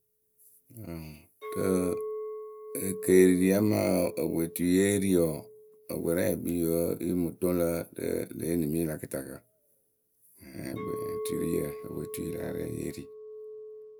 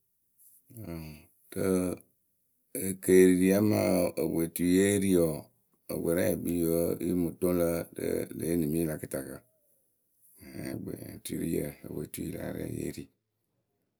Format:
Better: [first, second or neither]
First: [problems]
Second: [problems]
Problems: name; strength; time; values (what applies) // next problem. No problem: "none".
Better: second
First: background sound (Chink, clink); 12 dB below the speech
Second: none